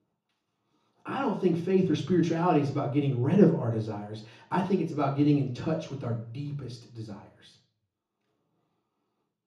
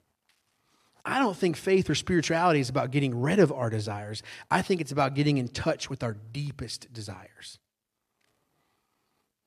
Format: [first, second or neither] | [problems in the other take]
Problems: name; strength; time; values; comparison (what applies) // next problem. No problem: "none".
second | room echo; noticeable; dies away in 0.8 s // off-mic speech; far